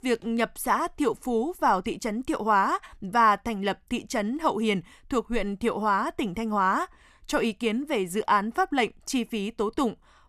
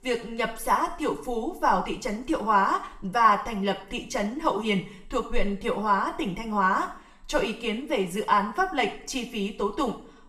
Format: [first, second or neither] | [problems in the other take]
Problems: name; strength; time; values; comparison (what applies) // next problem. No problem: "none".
first | room echo; slight; dies away in 0.5 s // off-mic speech; far